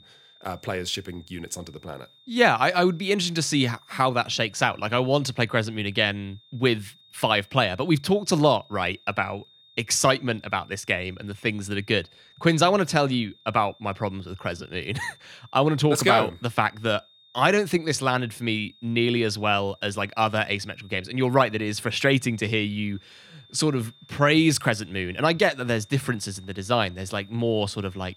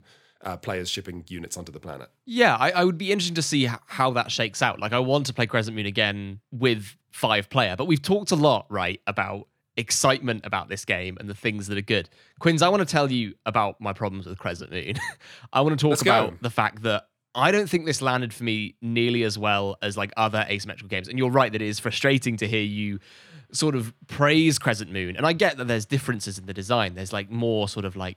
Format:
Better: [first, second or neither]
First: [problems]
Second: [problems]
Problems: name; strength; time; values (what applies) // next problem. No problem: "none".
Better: second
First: high-pitched whine; faint; throughout; 3.5 kHz, 30 dB below the speech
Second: none